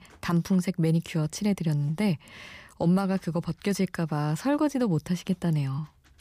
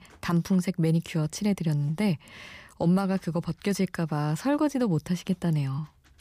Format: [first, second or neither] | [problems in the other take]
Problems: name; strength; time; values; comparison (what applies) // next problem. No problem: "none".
neither | none